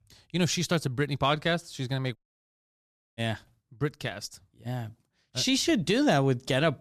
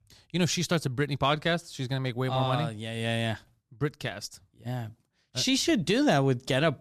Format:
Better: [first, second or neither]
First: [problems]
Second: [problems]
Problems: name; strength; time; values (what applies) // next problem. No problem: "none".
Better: second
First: audio cutting out; at 2 s for 1 s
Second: none